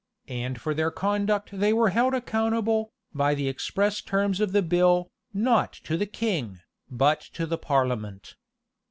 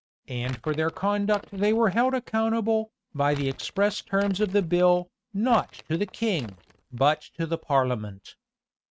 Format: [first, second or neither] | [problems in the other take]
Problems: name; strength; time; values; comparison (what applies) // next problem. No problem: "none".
first | noise reduction (neural mask model RNNoise)